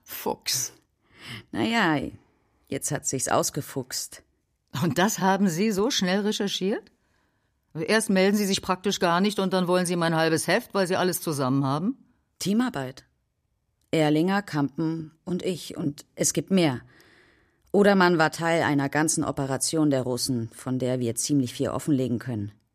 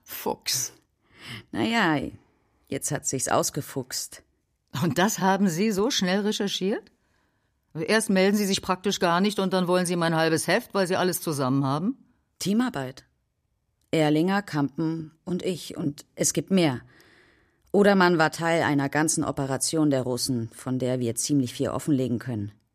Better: neither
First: none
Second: none

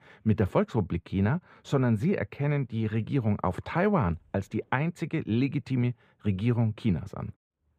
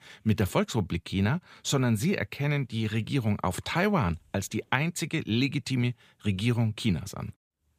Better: second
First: muffled; very; fading above 3 kHz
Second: none

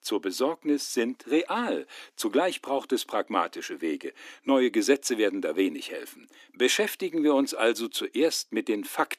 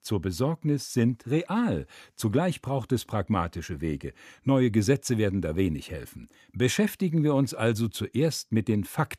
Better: second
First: thin; somewhat; fading below 300 Hz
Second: none

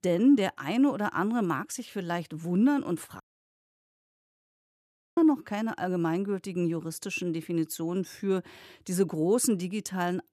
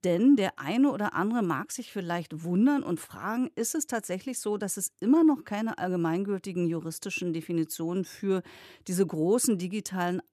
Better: second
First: audio cutting out; at 3 s for 2 s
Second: none

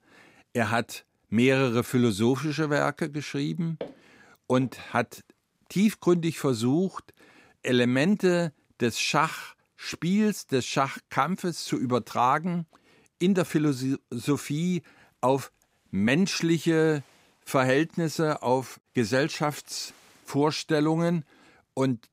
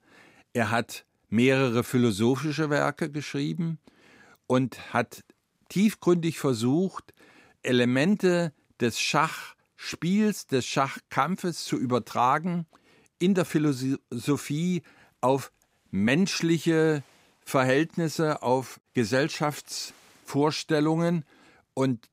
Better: second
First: footsteps; faint; at 4 s; peak 15 dB below the speech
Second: none

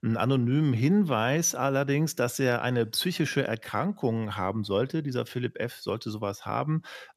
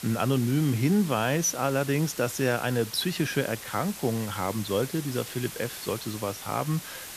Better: first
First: none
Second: hiss; noticeable; throughout; 10 dB below the speech

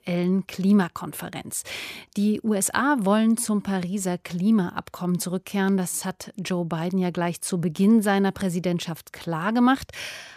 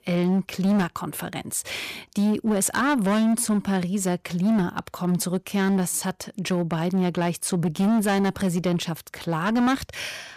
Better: first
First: none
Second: distortion; slight; 12% of the sound clipped

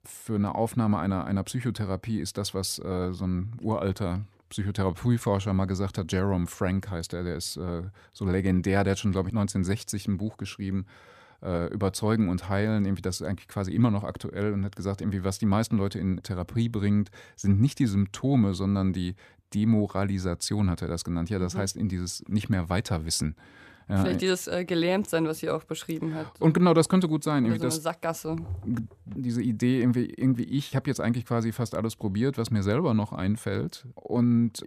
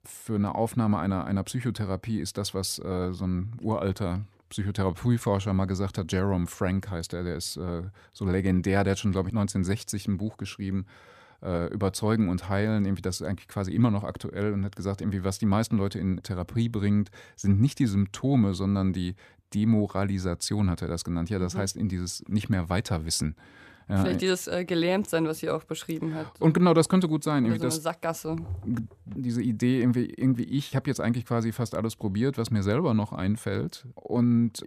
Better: neither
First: none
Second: none

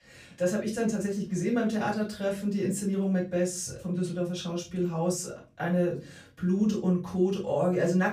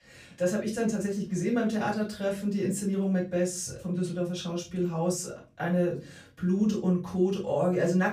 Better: neither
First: off-mic speech; far // room echo; slight; dies away in 0.3 s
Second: off-mic speech; far // room echo; slight; dies away in 0.3 s

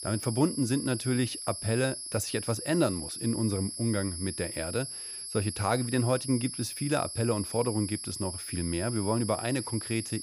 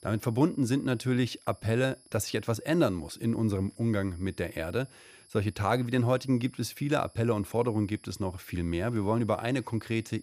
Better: second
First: high-pitched whine; loud; throughout; 11 kHz, 6 dB below the speech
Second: high-pitched whine; faint; throughout; 11 kHz, 25 dB below the speech

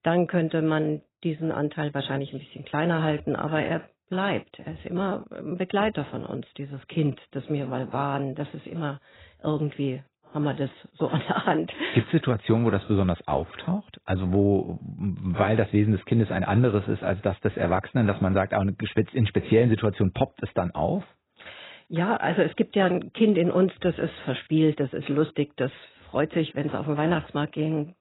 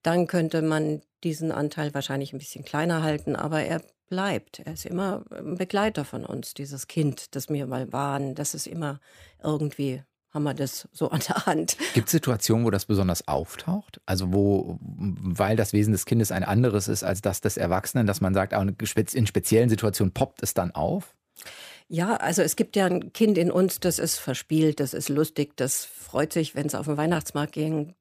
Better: second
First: garbled, watery; badly; nothing above 4 kHz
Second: none

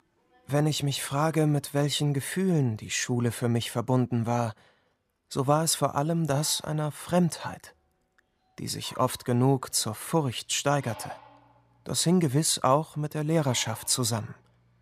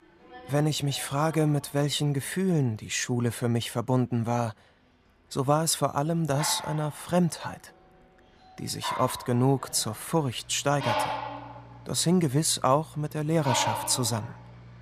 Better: first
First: animal sounds; faint; throughout; 25 dB below the speech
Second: animal sounds; loud; throughout; 8 dB below the speech

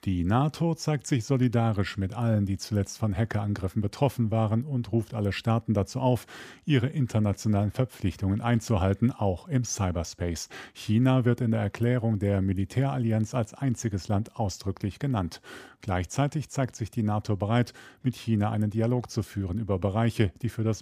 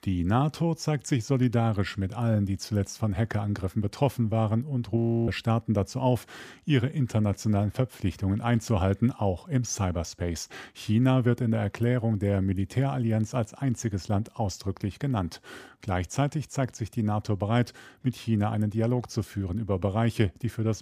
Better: first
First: none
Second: audio freezing; at 5 s

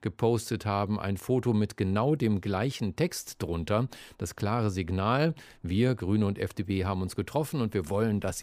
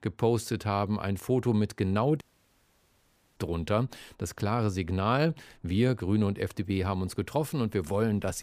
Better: first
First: none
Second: audio cutting out; at 2 s for 1 s

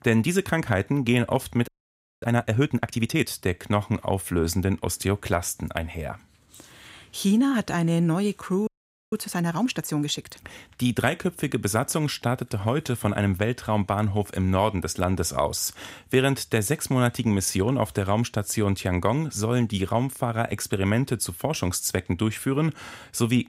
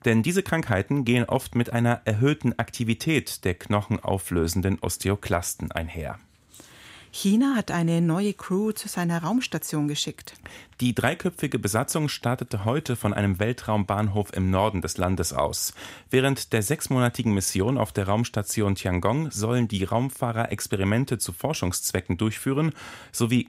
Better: second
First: audio freezing; at 1.5 s for 0.5 s and at 8.5 s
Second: none

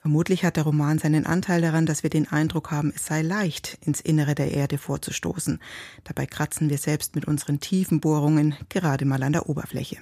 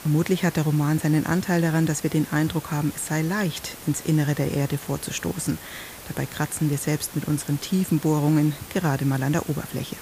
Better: first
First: none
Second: hiss; noticeable; throughout; 15 dB below the speech

